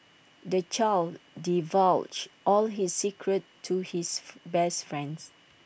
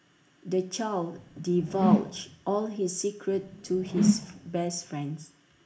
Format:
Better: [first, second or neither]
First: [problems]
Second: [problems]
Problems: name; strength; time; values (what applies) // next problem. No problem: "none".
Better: first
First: none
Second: background sound (Whoosh, swoosh, swish); 1 dB above the speech // room echo; dies away in 0.4 s